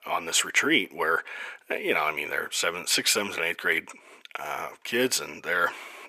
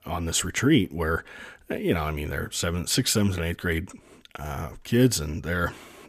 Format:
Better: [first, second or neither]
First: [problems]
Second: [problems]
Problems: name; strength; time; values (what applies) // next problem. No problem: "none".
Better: second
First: thin; very; fading below 500 Hz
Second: none